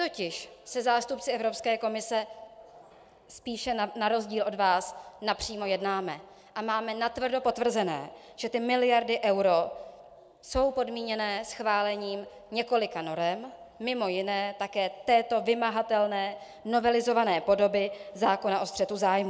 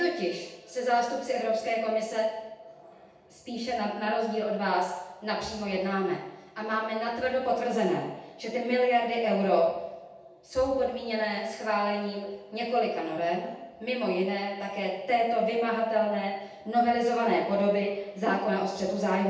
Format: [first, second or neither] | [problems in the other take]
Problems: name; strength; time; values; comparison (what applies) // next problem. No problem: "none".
first | room echo; dies away in 0.8 s